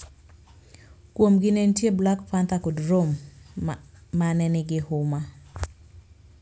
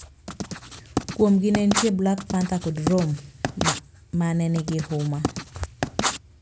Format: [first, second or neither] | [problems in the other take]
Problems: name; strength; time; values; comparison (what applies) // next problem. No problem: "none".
first | background sound (Writing); 5 dB below the speech